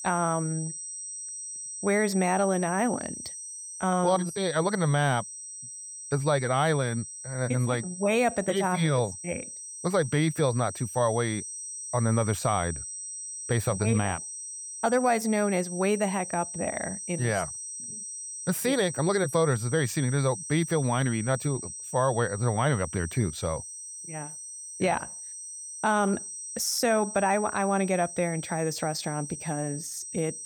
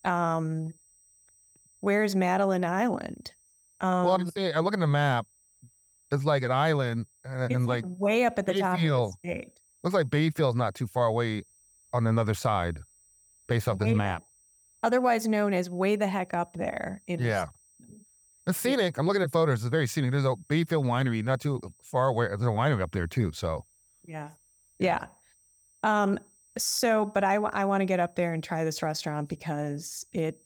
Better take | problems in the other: second | high-pitched whine; loud; throughout; 8 kHz, 9 dB below the speech; faint in the second

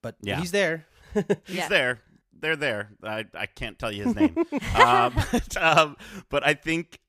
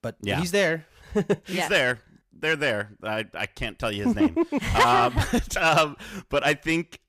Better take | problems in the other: first | distortion; slight; 10 dB below the speech

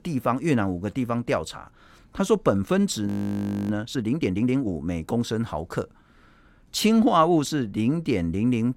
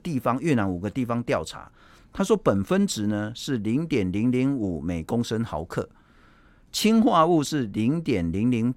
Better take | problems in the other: second | audio freezing; at 3 s for 0.5 s

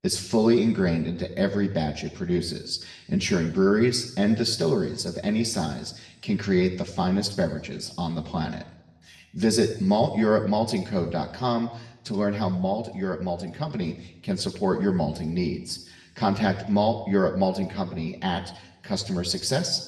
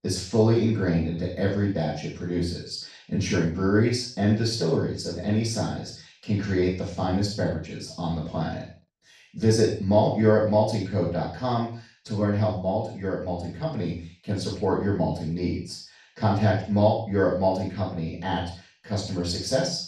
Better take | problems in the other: first | room echo; strong; dies away in 0.4 s; slight in the first // off-mic speech; far

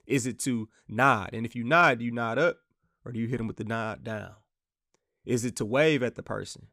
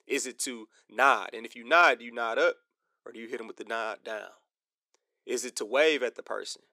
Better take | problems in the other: first | thin; somewhat; fading below 350 Hz

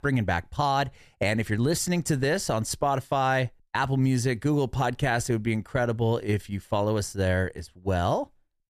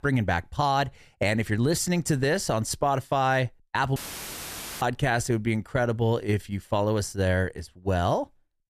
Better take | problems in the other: first | audio cutting out; filled with static; at 4 s for 1 s

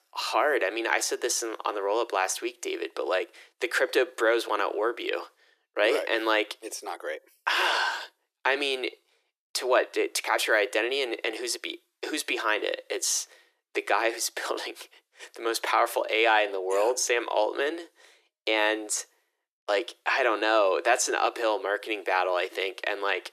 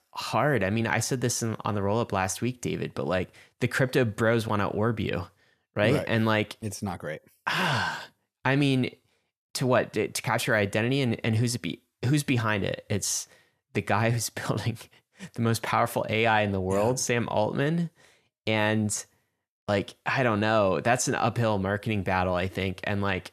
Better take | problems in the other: second | thin; very; fading below 350 Hz

